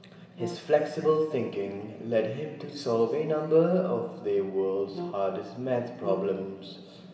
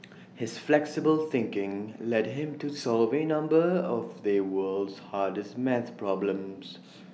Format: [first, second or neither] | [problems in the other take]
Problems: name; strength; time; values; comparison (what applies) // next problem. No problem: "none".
second | background sound (Brass instrument); 14 dB below the speech // room echo; dies away in 2.2 s